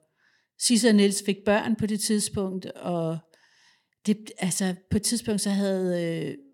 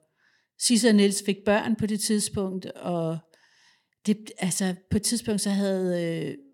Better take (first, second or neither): neither